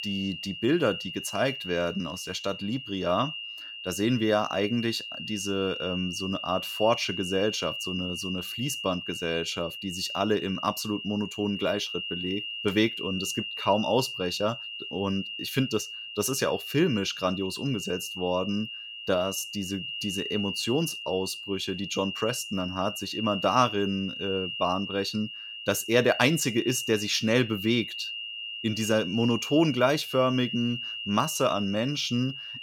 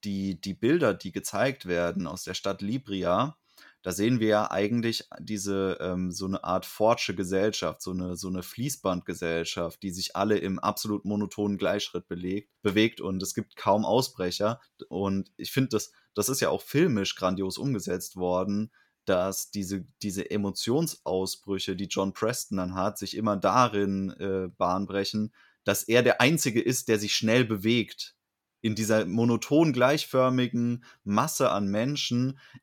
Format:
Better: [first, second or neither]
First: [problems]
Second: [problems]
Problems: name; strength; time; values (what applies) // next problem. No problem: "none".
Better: second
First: high-pitched whine; loud; throughout; 3 kHz, 6 dB below the speech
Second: none